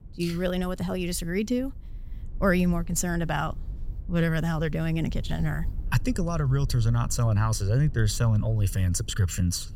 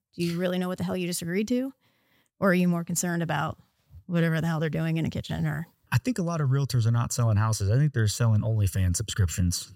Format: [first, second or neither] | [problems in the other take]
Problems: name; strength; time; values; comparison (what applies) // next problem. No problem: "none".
second | low rumble; faint; throughout; 25 dB below the speech